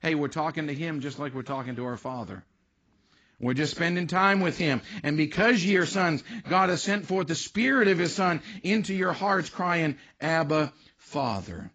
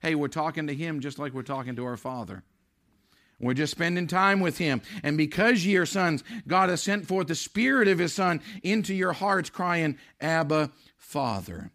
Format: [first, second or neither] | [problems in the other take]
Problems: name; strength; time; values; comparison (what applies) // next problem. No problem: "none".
second | garbled, watery; badly; nothing above 7.5 kHz